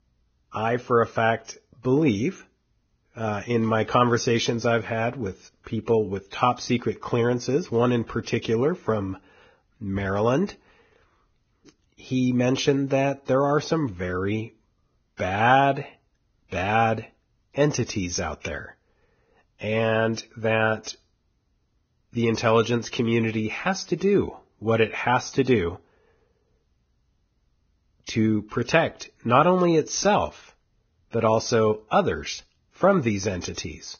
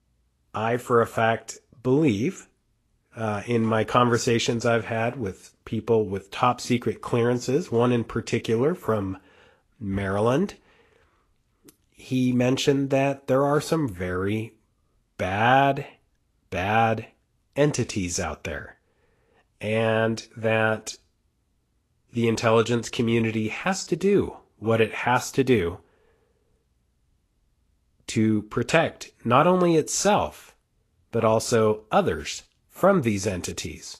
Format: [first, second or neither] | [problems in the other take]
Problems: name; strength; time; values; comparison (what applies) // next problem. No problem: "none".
second | garbled, watery; badly; nothing above 6.5 kHz; slightly in the second